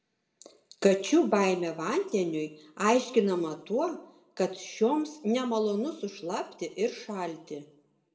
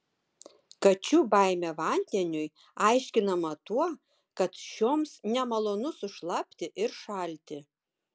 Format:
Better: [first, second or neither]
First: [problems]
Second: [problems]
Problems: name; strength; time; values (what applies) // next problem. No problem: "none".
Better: second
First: room echo; dies away in 0.5 s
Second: none